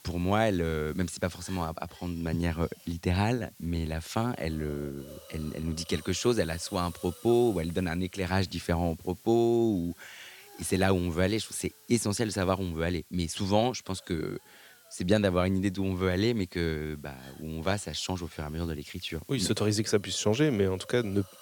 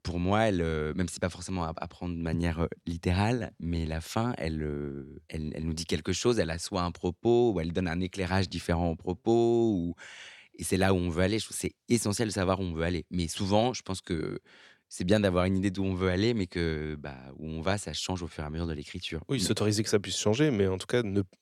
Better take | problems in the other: second | hiss; faint; throughout; 20 dB below the speech

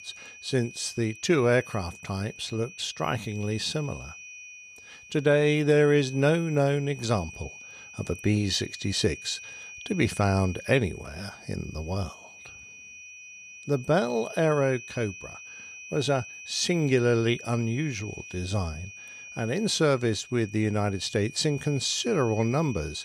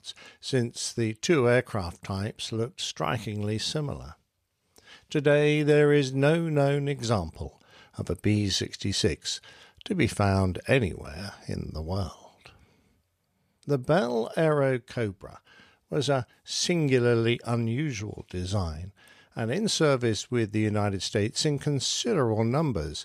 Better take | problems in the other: second | high-pitched whine; noticeable; throughout; 2.5 kHz, 15 dB below the speech

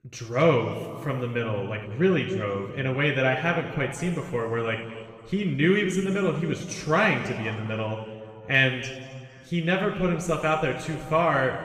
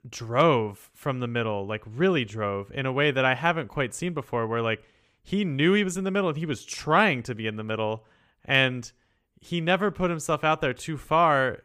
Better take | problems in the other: second | room echo; noticeable; dies away in 1.8 s // off-mic speech; somewhat distant

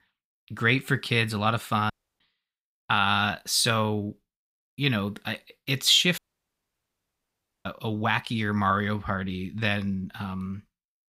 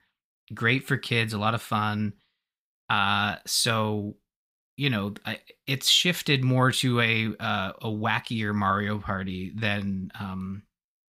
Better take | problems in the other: second | audio cutting out; at 2 s and at 6 s for 1.5 s

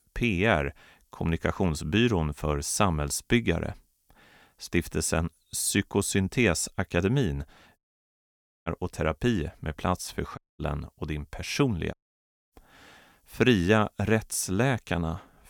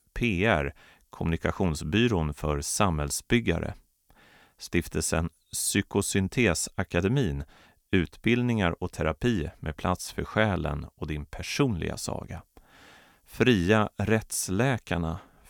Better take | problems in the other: second | audio cutting out; at 8 s for 1 s, at 10 s and at 12 s for 0.5 s

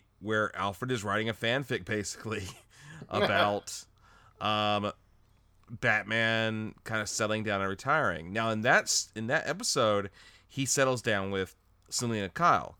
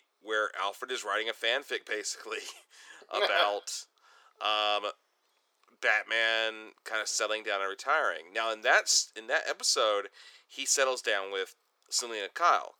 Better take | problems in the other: first | thin; very; fading below 400 Hz

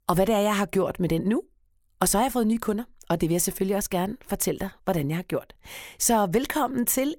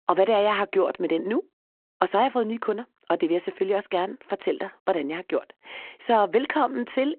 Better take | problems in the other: first | phone-call audio

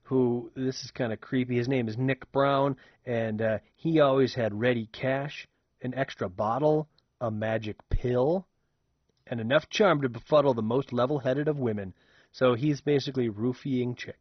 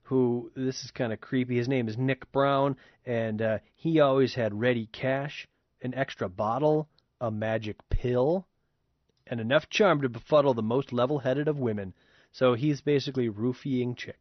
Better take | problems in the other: second | garbled, watery; badly; nothing above 6 kHz; slightly in the second

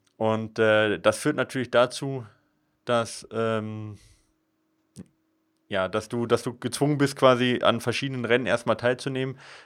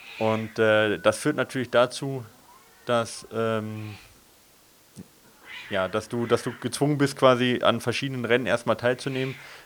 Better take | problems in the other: first | hiss; faint; throughout; 20 dB below the speech

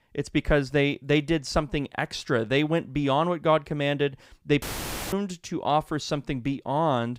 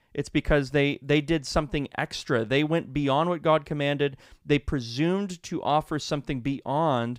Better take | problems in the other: second | audio cutting out; filled with static; at 4.5 s for 0.5 s

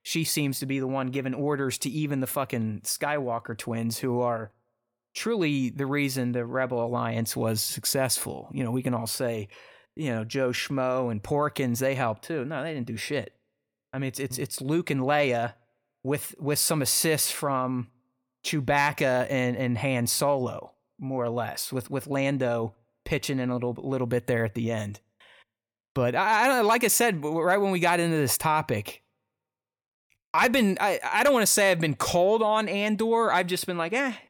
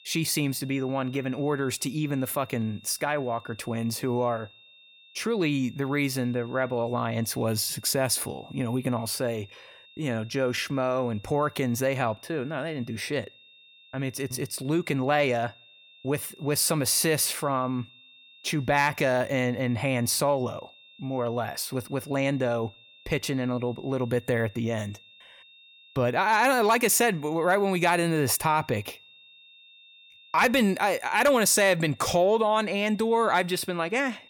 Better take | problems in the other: first | high-pitched whine; faint; throughout; 3.5 kHz, 25 dB below the speech

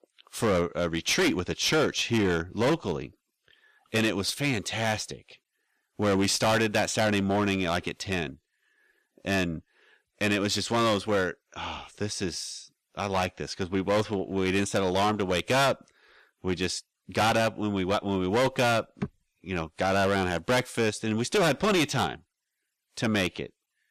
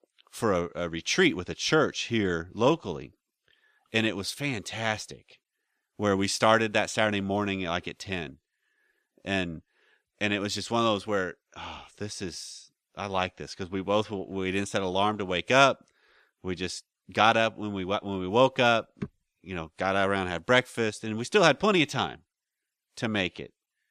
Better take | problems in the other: second | distortion; heavy; 10% of the sound clipped

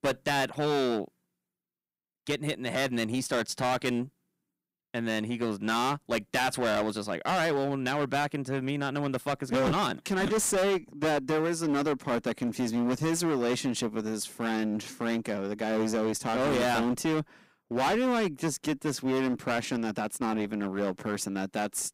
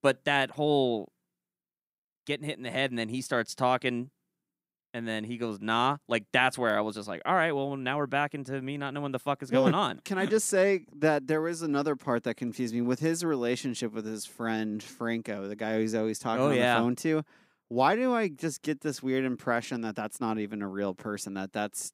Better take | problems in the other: second | distortion; heavy; 17% of the sound clipped

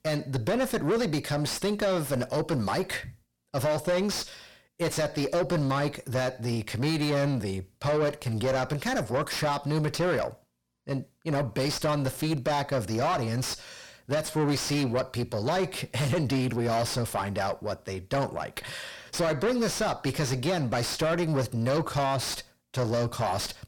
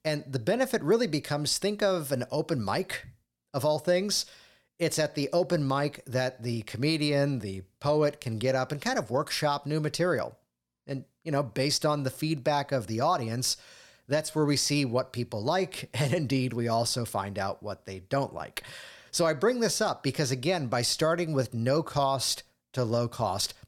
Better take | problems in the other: second | distortion; heavy; 5 dB below the speech

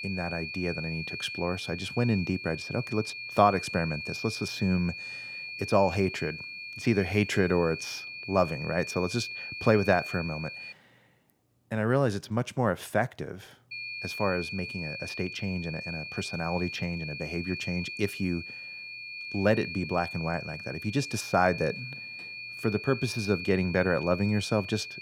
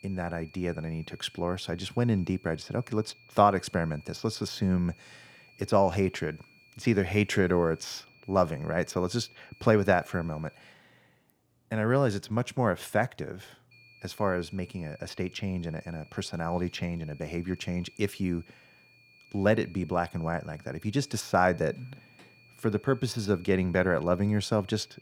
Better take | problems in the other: second | high-pitched whine; loud; until 11 s and from 14 s on; 2.5 kHz, 7 dB below the speech; faint in the second

